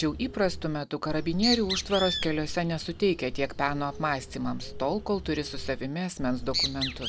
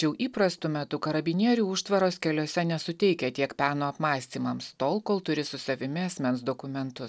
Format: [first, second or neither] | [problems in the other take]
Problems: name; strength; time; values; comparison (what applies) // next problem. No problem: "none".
second | background sound (Bird); 6 dB below the speech